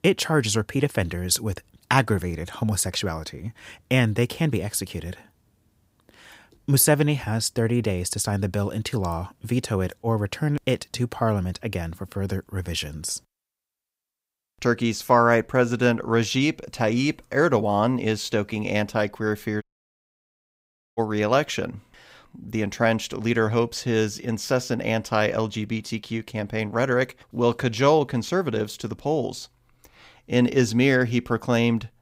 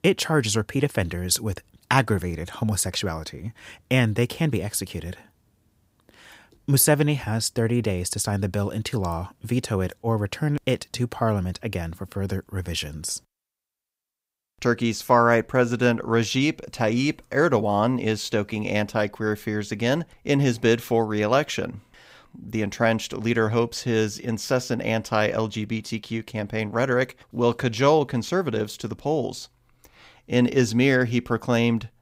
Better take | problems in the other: second | audio cutting out; at 20 s for 1.5 s

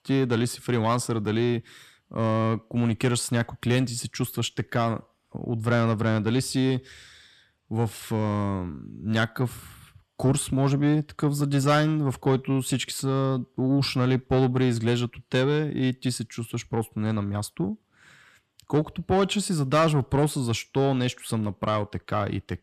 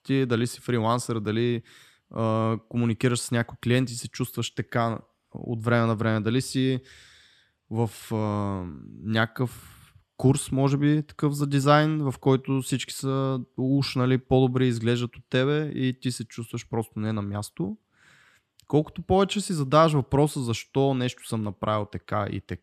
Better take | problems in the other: second | distortion; slight; 10 dB below the speech

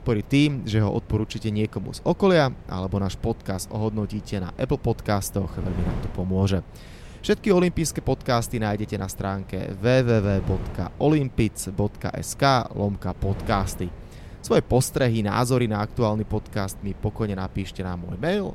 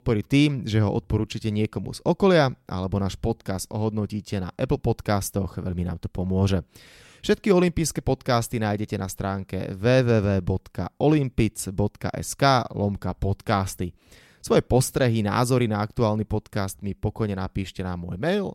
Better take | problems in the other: second | wind noise on the microphone; occasional gusts; 20 dB below the speech

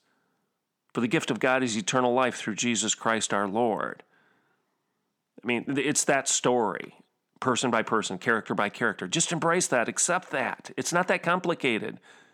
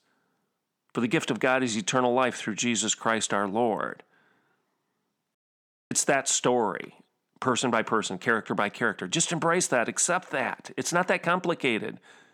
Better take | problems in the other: first | audio cutting out; at 5.5 s for 0.5 s

